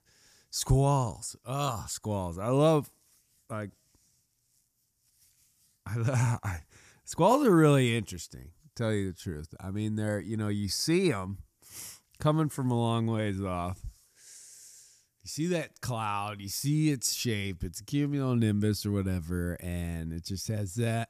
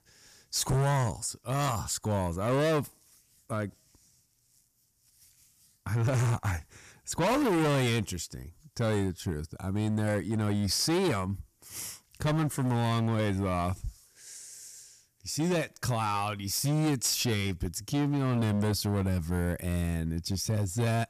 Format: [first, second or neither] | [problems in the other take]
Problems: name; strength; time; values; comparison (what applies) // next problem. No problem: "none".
first | distortion; heavy; 15% of the sound clipped